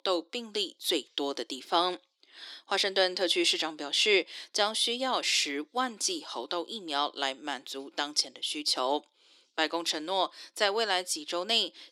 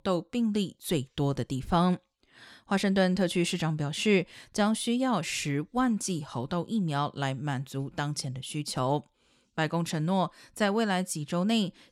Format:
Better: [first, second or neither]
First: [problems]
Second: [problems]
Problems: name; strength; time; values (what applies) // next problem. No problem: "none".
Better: second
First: thin; very; fading below 300 Hz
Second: none